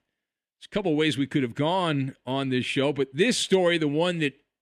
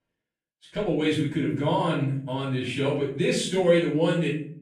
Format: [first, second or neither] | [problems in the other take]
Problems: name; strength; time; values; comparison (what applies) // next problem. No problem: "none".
first | off-mic speech; far // room echo; noticeable; dies away in 0.5 s